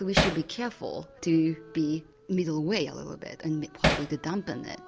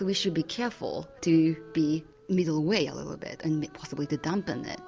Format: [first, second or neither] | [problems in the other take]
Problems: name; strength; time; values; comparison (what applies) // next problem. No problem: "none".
second | background sound (Hammer); 3 dB above the speech